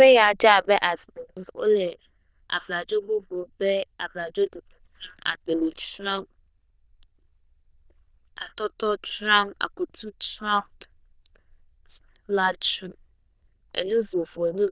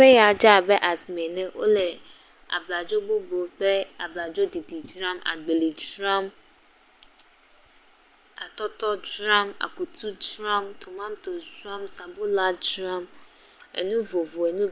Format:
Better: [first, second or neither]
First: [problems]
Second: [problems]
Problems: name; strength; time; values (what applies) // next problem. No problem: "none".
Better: second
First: noise reduction (neural diffusion model UNIVERSE++)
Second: none